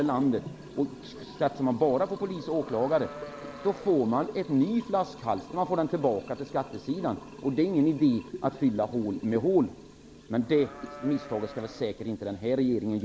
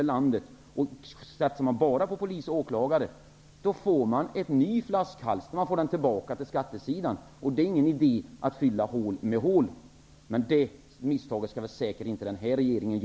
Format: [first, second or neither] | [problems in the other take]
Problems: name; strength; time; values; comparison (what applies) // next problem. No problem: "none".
second | background sound (Liquid + Livestock, farm animals, working animals); 15 dB below the speech